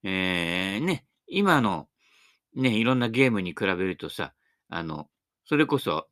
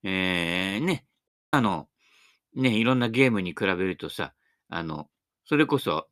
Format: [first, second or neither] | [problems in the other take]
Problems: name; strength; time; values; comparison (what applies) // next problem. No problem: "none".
first | audio cutting out; at 1.5 s